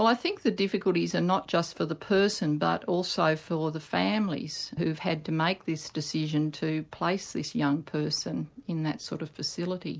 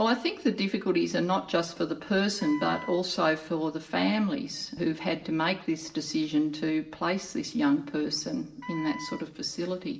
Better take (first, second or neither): first